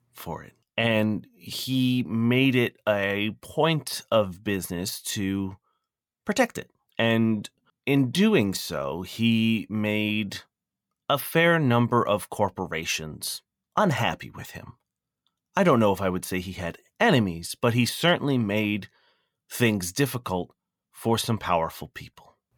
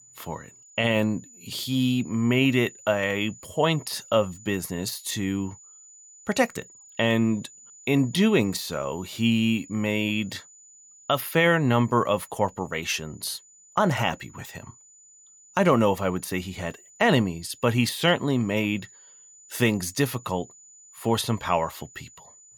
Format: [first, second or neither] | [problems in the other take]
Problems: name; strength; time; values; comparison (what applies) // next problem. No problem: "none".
first | high-pitched whine; faint; throughout; 7 kHz, 25 dB below the speech